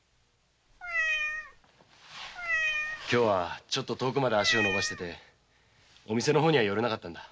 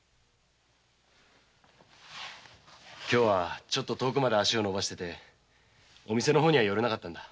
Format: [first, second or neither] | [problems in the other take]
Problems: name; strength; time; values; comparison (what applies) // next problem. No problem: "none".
second | background sound (Meow); 1 dB below the speech